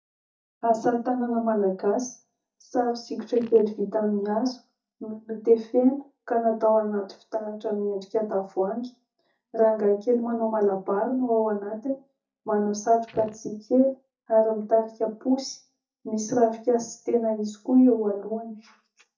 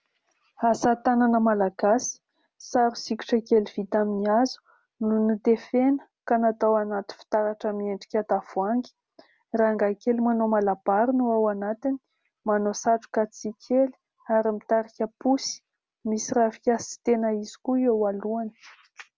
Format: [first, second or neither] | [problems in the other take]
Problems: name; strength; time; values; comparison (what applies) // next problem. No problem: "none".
second | noise reduction (neural mask model DeepFilterNet 3)